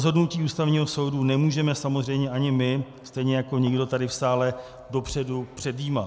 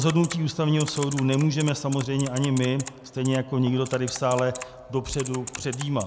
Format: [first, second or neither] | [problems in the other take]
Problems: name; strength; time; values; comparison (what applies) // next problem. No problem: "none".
first | background sound (Typing); 14 dB below the speech